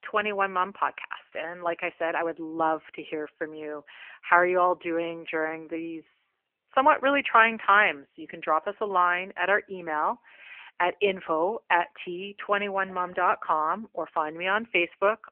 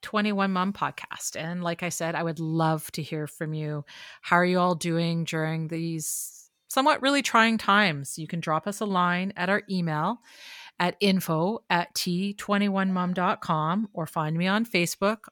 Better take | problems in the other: second | phone-call audio; nothing above 3 kHz

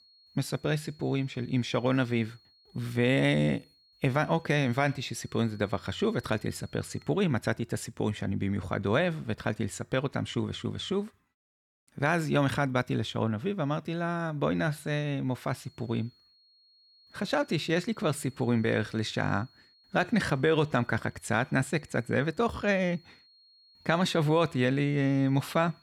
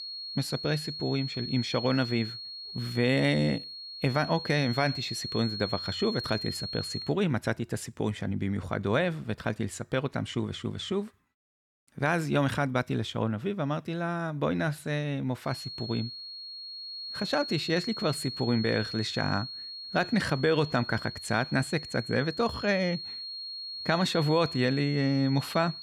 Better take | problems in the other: first | high-pitched whine; loud; until 7 s and from 16 s on; 4.5 kHz, 7 dB below the speech; faint in the first

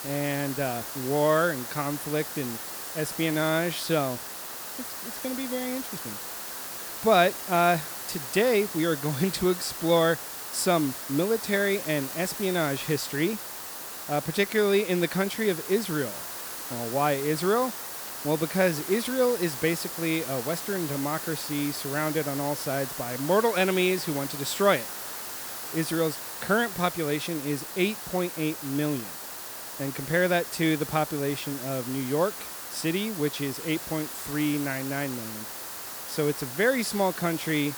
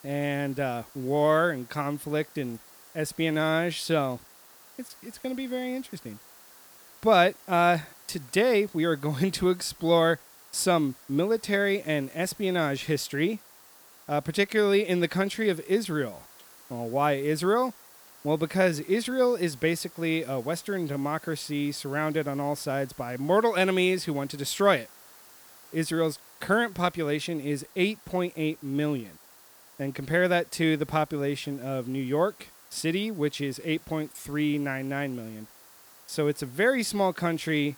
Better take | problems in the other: second | hiss; loud; throughout; 7 dB below the speech; faint in the second

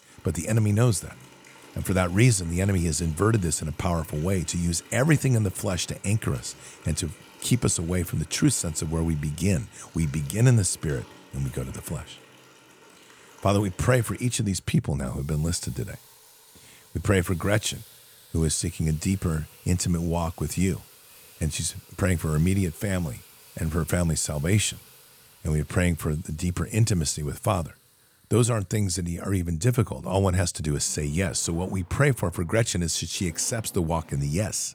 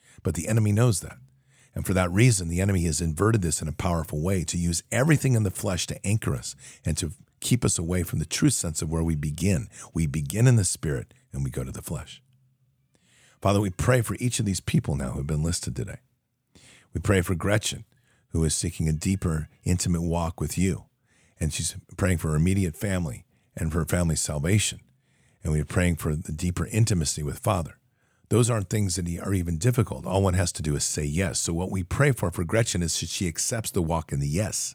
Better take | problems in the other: second | household noises; faint; throughout; 25 dB below the speech

